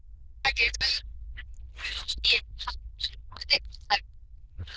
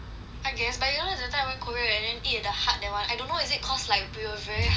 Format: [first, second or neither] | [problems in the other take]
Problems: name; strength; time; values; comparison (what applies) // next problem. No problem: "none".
second | noise reduction (neural diffusion model UNIVERSE++)